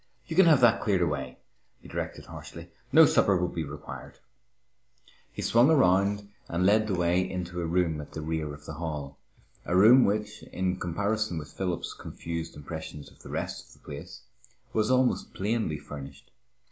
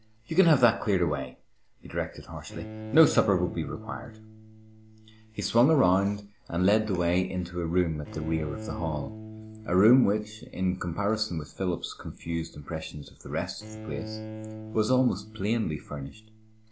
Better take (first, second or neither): first